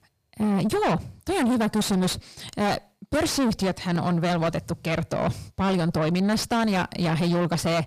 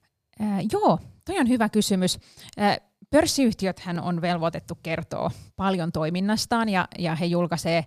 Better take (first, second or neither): second